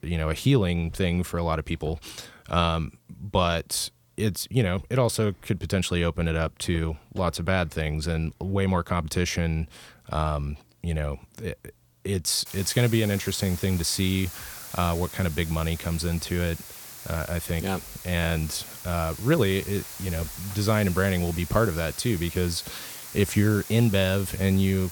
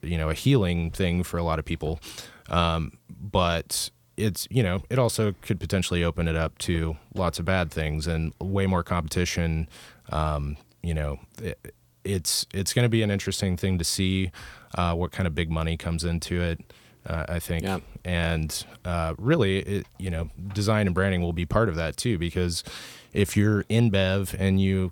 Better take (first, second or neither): second